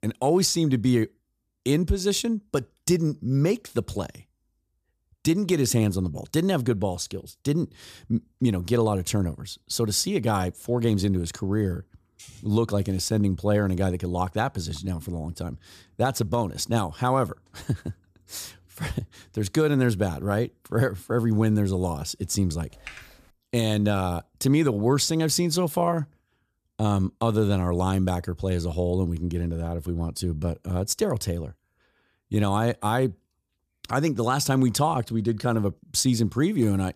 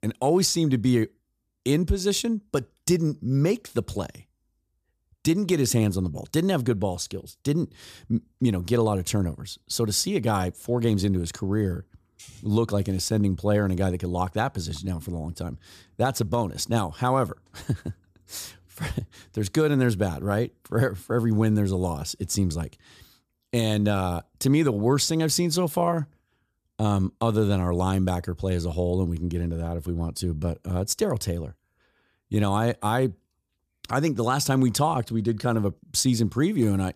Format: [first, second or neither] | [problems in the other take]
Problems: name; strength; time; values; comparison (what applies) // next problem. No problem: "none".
second | keyboard typing; faint; at 23 s; peak 15 dB below the speech